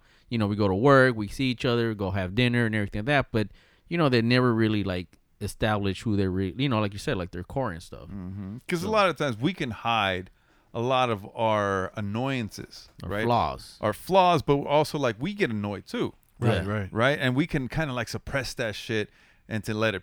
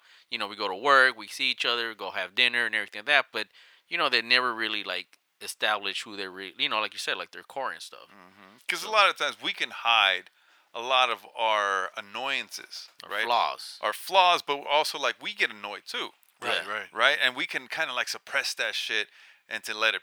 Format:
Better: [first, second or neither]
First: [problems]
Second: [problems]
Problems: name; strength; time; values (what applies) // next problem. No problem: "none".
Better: first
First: none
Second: thin; very; fading below 850 Hz